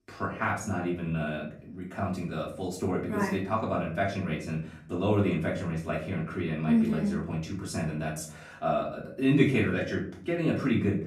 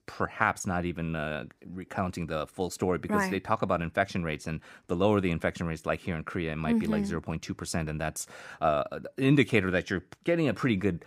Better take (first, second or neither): second